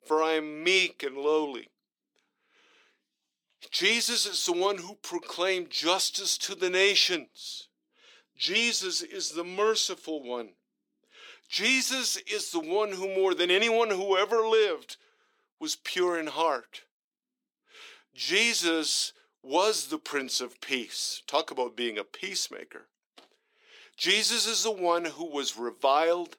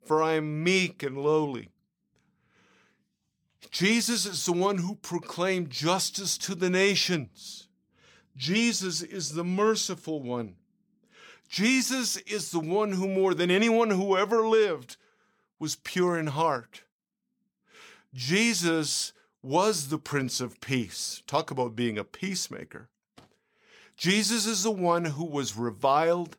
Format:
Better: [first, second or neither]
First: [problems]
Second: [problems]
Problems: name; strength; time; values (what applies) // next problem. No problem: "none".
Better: second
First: thin; somewhat; fading below 300 Hz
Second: none